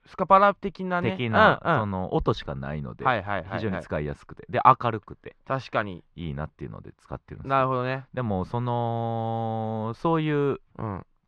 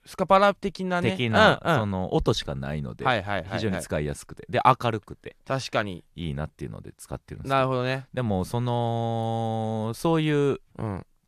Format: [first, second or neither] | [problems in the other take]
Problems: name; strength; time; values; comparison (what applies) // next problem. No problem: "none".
second | muffled; slightly; fading above 3 kHz